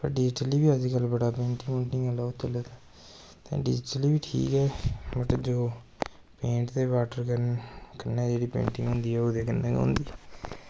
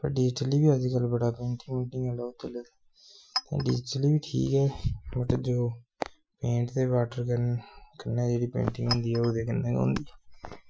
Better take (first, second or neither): first